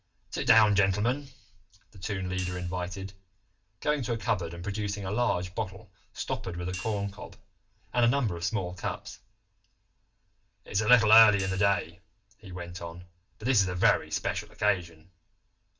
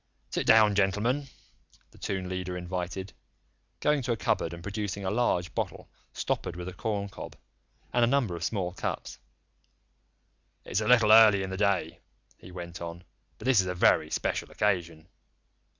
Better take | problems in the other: second | background sound (Hi-hat); 18 dB below the speech // room echo; dies away in 0.2 s

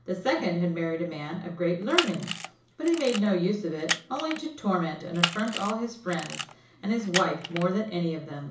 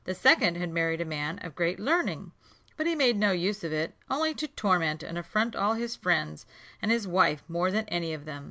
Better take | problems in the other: second | background sound (Camera); 6 dB below the speech // room echo; dies away in 0.7 s

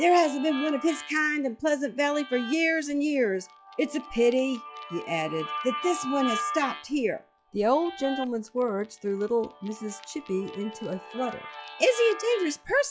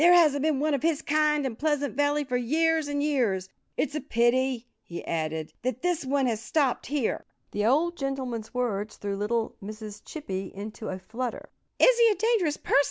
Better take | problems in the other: second | noise reduction (classical method log-MMSE)

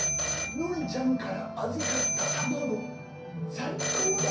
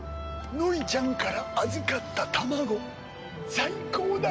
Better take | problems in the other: second | background sound (Telephone); 1 dB below the speech // room echo; dies away in 0.6 s

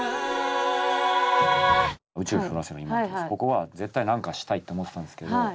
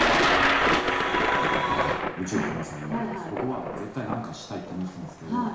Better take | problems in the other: first | background sound (Thunder); 3 dB above the speech // room echo; dies away in 0.7 s

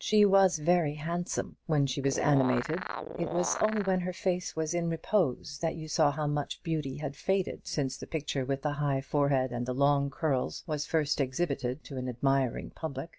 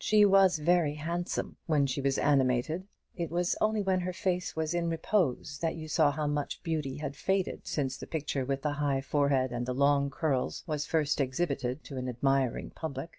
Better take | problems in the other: second | background sound (Animal); 8 dB below the speech

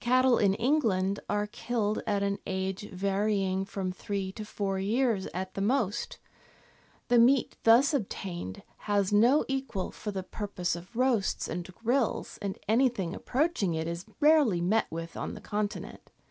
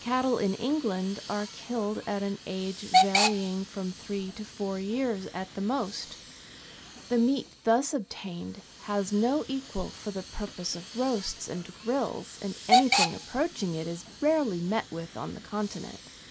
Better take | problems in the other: first | background sound (Hiss / Alarm / Train); 3 dB below the speech

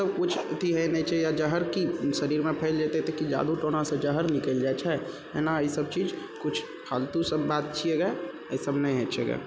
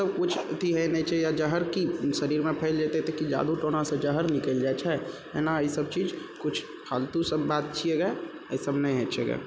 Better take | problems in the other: second | background sound (Wind instrument, woodwind instrument); 17 dB below the speech

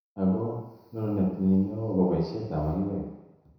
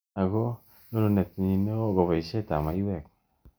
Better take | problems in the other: second | room echo; dies away in 1 s

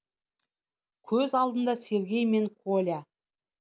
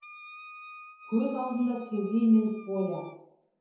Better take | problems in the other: first | background sound (Wind instrument, woodwind instrument); 20 dB below the speech // room echo; dies away in 0.9 s

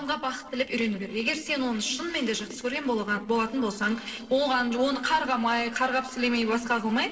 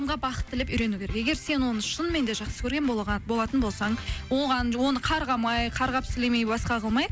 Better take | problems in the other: second | noise reduction (neural separator model SepFormer DNS4)

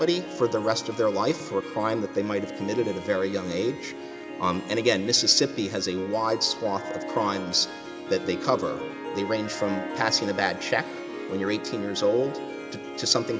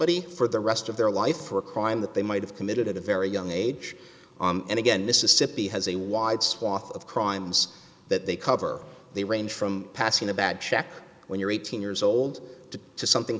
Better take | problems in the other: second | background sound (Harp); 9 dB below the speech

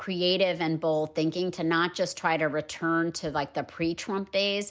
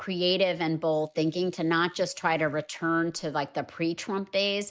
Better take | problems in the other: first | noise reduction (neural mask model Resemble Enhance denoiser)

